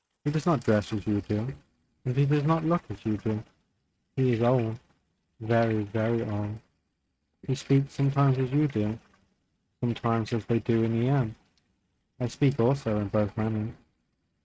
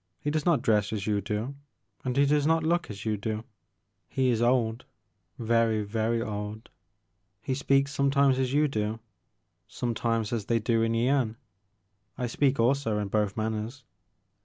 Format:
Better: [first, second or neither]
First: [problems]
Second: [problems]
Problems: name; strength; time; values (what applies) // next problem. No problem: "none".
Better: second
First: noise reduction (neural mask model RNNoise)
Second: none